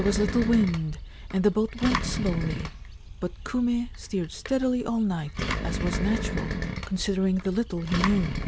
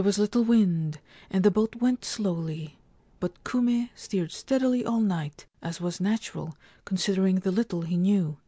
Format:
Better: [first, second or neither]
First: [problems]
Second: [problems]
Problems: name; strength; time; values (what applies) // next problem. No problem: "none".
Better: second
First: background sound (Engine); 5 dB below the speech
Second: none